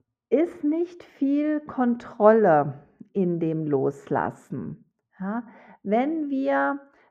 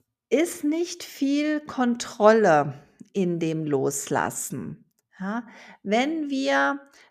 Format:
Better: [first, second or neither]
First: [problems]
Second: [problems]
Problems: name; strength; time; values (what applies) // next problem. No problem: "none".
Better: second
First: muffled; very; fading above 3 kHz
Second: none